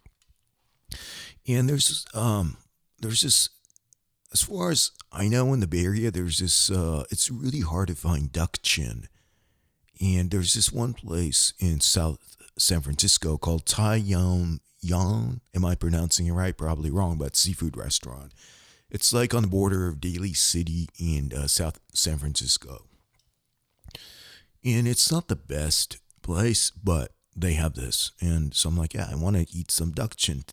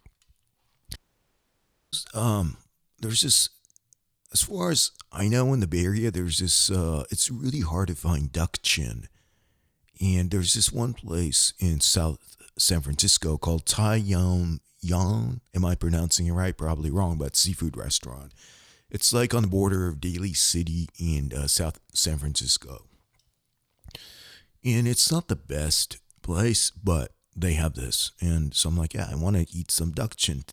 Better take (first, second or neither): first